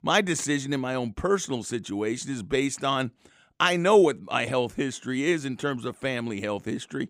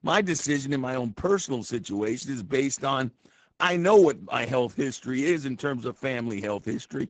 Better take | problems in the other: first | garbled, watery; badly; nothing above 7.5 kHz

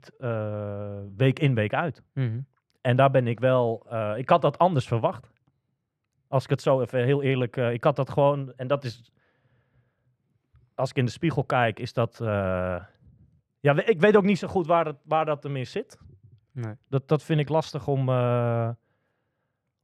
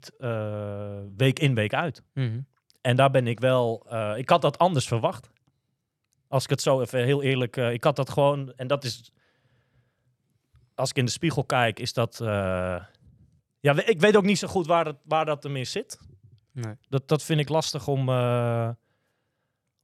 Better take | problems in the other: second | muffled; slightly; fading above 3.5 kHz

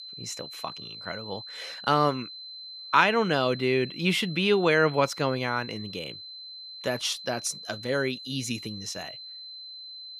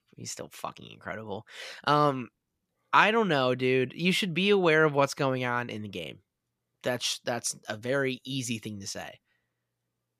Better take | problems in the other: second | high-pitched whine; noticeable; throughout; 4 kHz, 15 dB below the speech

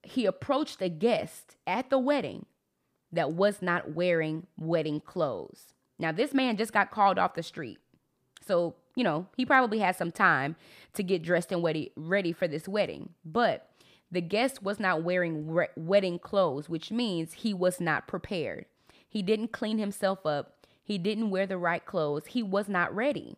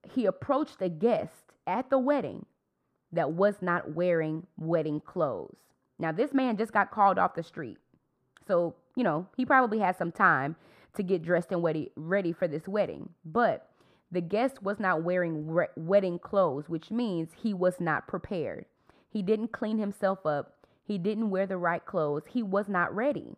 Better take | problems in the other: first | muffled; slightly; fading above 1.5 kHz

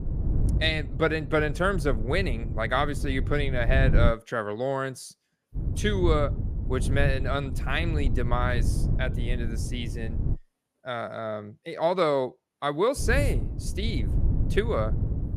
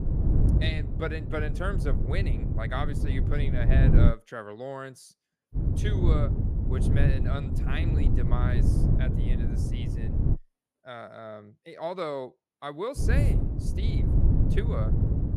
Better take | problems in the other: first | wind noise on the microphone; heavy; until 4 s, from 5.5 to 10 s and from 13 s on; 2 dB below the speech; occasional gusts in the first

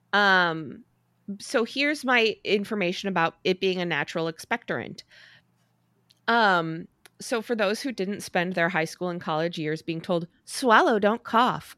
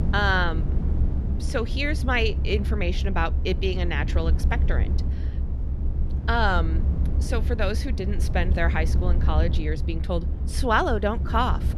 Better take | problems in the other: first | low rumble; noticeable; throughout; 15 dB below the speech

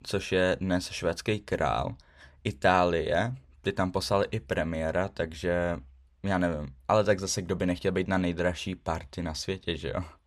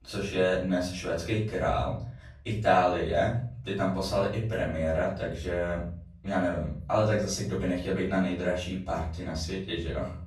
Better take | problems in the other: first | room echo; noticeable; dies away in 0.6 s // off-mic speech; far

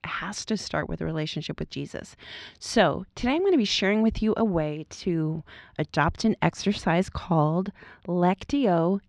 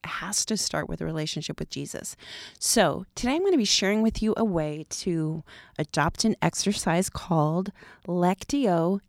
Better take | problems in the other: second | muffled; slightly; fading above 3 kHz

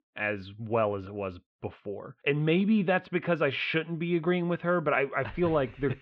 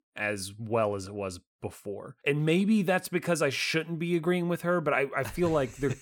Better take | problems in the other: second | muffled; very; fading above 3.5 kHz

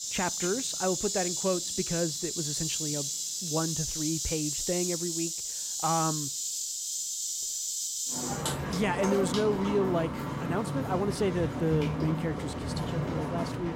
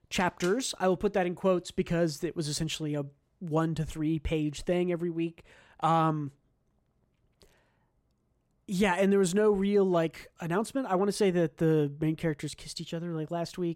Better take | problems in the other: second | animal sounds; very loud; throughout; as loud as the speech

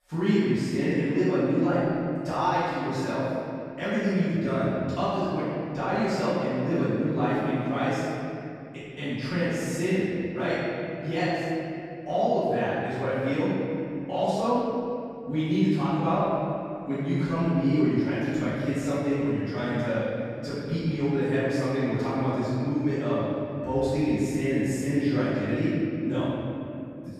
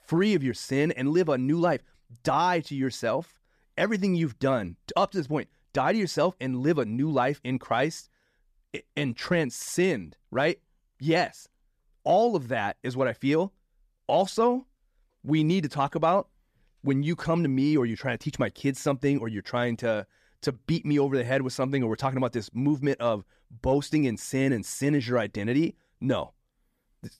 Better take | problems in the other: second | room echo; strong; dies away in 2.6 s // off-mic speech; far

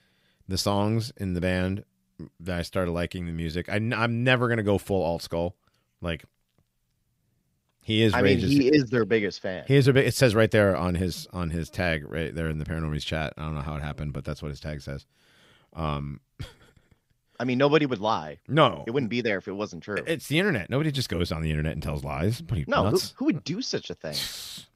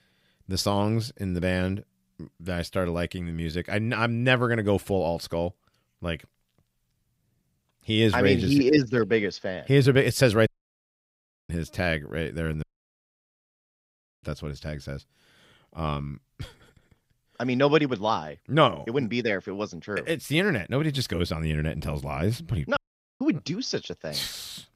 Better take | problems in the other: first | audio cutting out; at 10 s for 1 s, at 13 s for 1.5 s and at 23 s

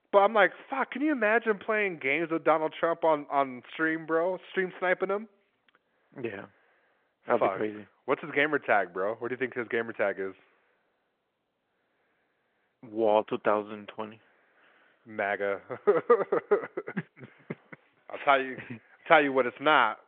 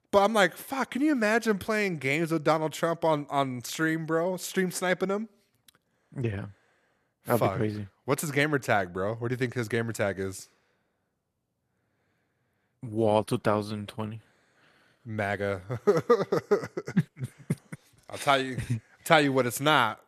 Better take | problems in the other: second | phone-call audio

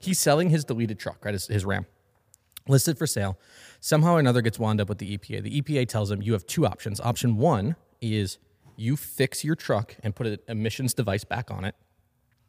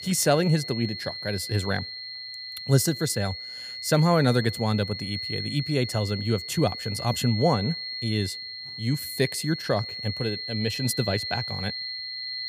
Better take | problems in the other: first | high-pitched whine; loud; throughout; 4.5 kHz, 6 dB below the speech

